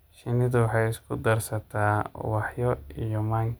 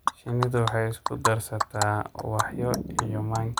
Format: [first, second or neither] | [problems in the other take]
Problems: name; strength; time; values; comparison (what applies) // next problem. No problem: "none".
first | background sound (Animal); 4 dB below the speech